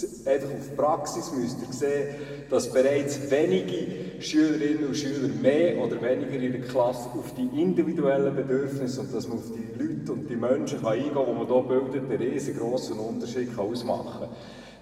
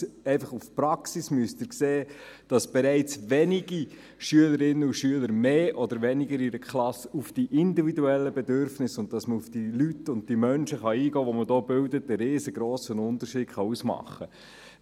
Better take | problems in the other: second | room echo; dies away in 2 s

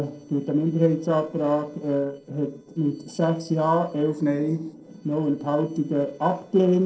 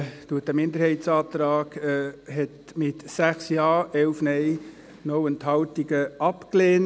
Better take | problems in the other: second | noise reduction (neural separator model SepFormer DNS4)

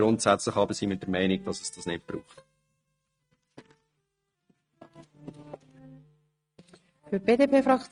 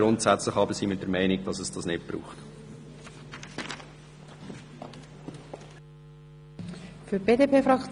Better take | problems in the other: second | noise reduction (neural mask model RNNoise)

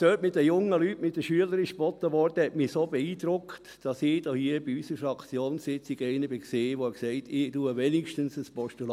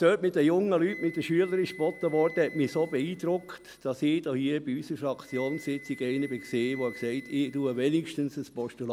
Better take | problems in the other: first | background sound (Wind instrument, woodwind instrument); 19 dB below the speech

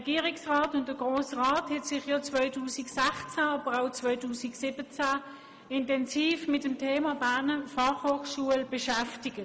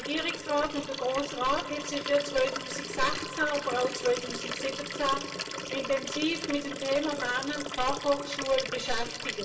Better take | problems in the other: first | background sound (Liquid); 6 dB below the speech // room echo; dies away in 0.1 s

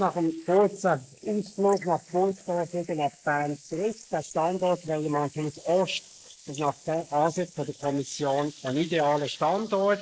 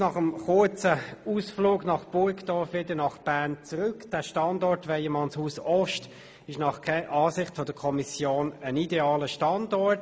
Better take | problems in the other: second | noise reduction (neural mask model Resemble Enhance denoiser)

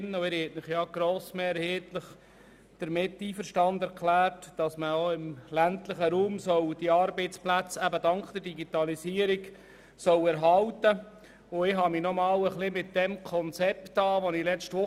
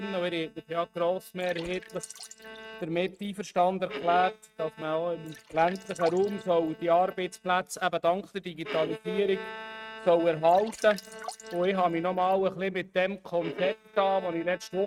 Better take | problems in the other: first | noise reduction (neural mask model RNNoise)

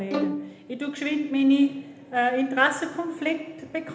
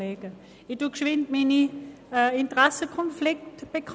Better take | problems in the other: second | background sound (Bowed string instrument); 9 dB below the speech // room echo; dies away in 0.9 s

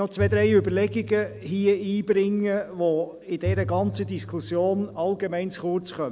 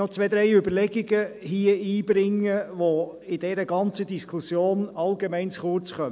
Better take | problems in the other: second | background sound (Bowed string instrument); 9 dB below the speech

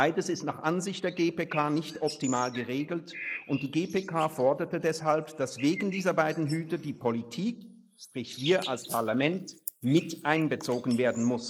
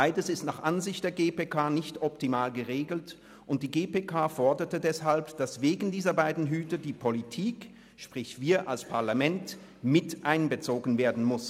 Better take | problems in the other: second | noise reduction (neural mask model Resemble Enhance denoiser)

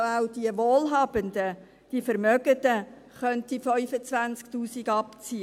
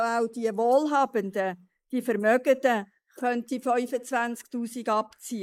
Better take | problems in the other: first | noise reduction (neural mask model Resemble Enhance denoiser)

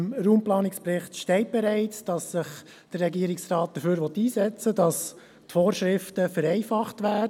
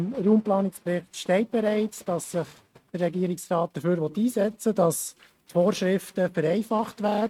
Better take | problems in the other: first | noise reduction (neural mask model RNNoise)

